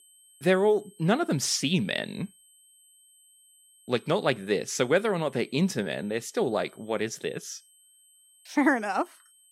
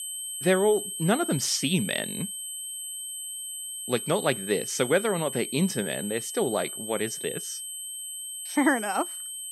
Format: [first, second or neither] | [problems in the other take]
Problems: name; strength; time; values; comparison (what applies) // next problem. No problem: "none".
first | high-pitched whine; loud; throughout; 8 kHz, 6 dB below the speech; faint in the first